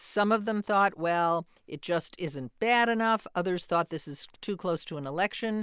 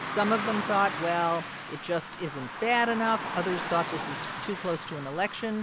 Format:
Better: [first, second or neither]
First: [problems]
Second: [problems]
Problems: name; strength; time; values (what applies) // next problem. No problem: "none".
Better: first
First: none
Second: background sound (Car passing by / Traffic noise, roadway noise); 6 dB below the speech